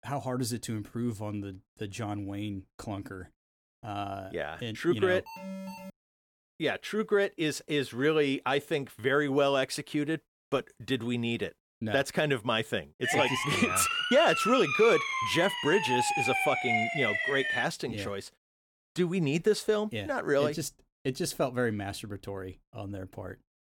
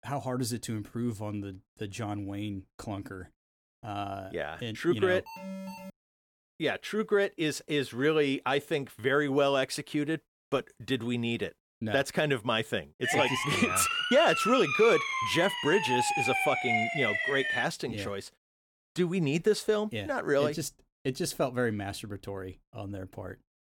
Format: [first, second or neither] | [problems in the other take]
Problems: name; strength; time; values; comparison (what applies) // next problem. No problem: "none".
neither | alarm; faint; at 5.5 s; peak 10 dB below the speech; the same in both // siren; loud; from 13 to 18 s; peak 3 dB above the speech; the same in both